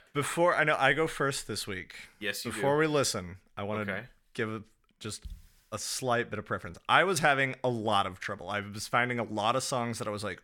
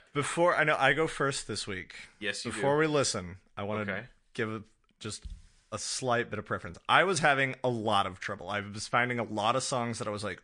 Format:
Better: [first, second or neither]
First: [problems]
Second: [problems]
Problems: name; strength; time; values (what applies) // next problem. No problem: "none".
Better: first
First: none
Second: garbled, watery; slightly; nothing above 9 kHz